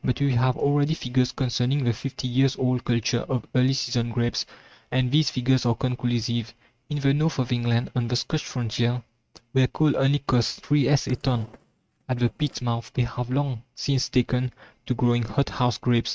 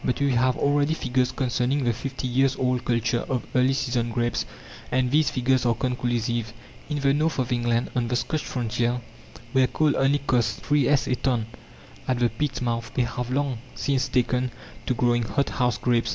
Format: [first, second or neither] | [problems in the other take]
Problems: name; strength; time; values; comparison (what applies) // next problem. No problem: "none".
second | noise reduction (neural mask model RNNoise)